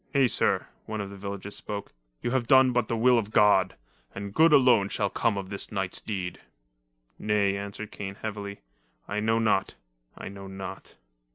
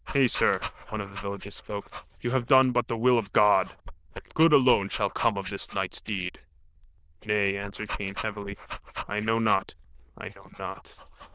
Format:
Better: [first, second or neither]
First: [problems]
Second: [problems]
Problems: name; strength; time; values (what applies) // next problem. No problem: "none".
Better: first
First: none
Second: noise reduction (neural diffusion model UNIVERSE++)